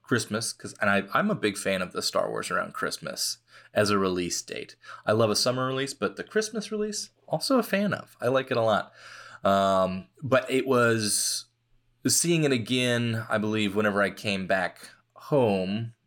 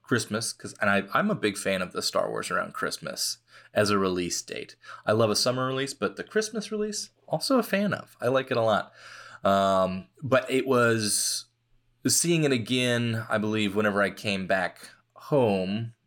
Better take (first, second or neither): neither